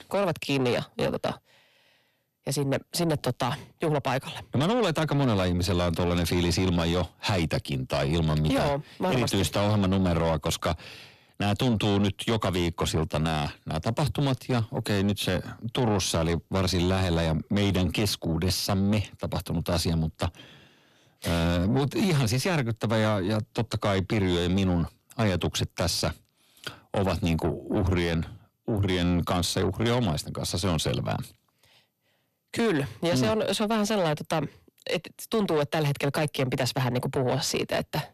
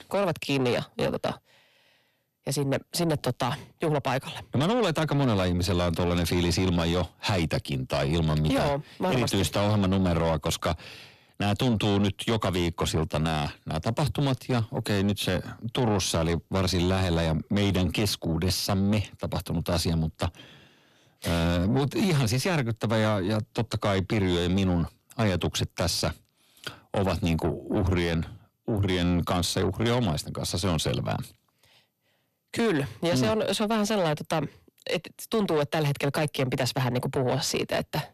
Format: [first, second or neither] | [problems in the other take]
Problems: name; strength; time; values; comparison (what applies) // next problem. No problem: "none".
neither | distortion; slight; 10 dB below the speech; the same in both